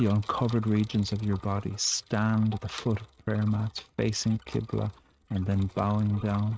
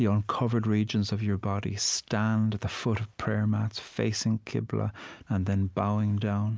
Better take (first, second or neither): second